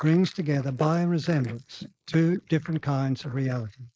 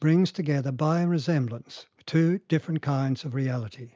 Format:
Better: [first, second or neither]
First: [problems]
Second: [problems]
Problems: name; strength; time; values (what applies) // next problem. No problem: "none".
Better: second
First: noise reduction (neural mask model Resemble Enhance denoiser)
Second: none